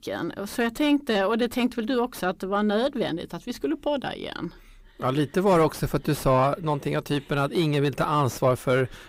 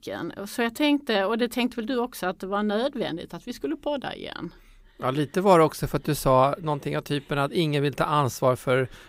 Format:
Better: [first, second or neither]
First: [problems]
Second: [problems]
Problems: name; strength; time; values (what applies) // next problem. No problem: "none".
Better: second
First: distortion; slight; 10 dB below the speech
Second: none